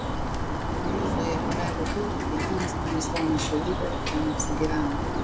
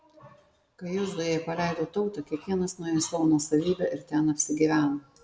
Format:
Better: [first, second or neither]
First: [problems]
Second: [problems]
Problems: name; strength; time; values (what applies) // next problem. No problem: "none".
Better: second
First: background sound (Bird); 4 dB above the speech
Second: none